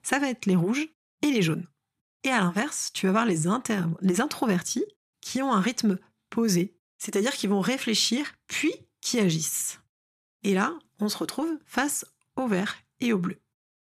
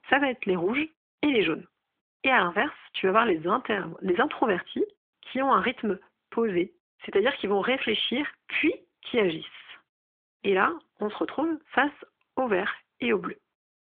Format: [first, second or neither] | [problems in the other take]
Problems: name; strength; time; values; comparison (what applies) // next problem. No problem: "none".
first | phone-call audio; nothing above 3.5 kHz